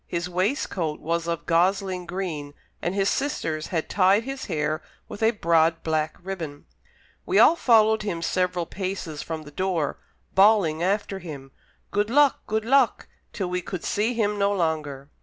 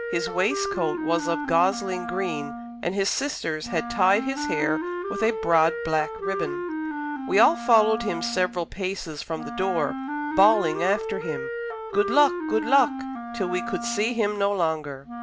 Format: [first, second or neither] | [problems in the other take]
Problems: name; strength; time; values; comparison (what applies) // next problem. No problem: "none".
first | background sound (Wind instrument, woodwind instrument); 6 dB below the speech